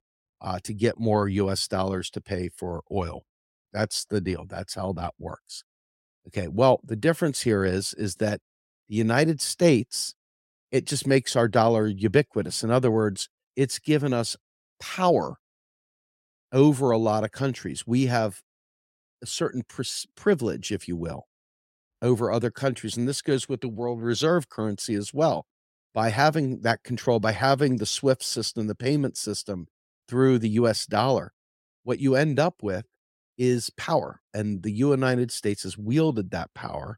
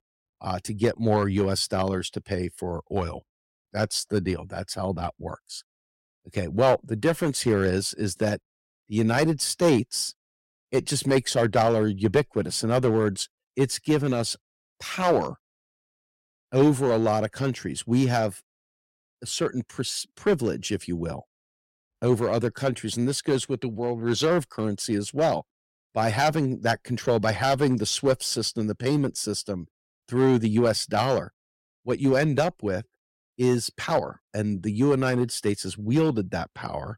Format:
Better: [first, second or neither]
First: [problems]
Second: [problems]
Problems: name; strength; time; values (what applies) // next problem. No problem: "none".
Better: first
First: none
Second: distortion; slight; 2% of the sound clipped